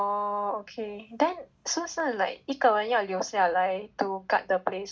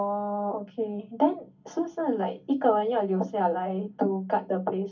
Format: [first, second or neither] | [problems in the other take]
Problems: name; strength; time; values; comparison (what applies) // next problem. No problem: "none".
first | room echo; dies away in 0.3 s